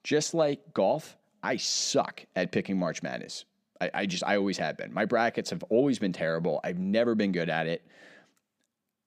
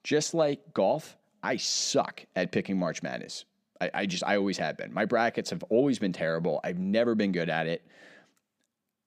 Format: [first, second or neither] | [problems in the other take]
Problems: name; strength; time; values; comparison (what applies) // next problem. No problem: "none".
neither | none